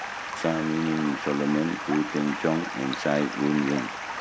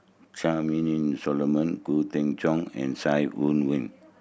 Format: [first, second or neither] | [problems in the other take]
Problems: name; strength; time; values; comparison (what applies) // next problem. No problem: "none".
second | background sound (Stream); 7 dB below the speech